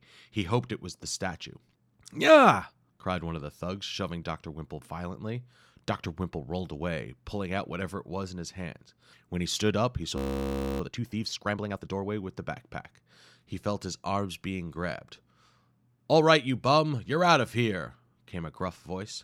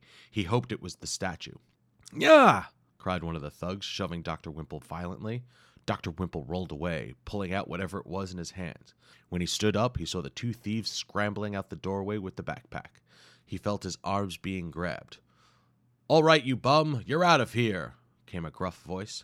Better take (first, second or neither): second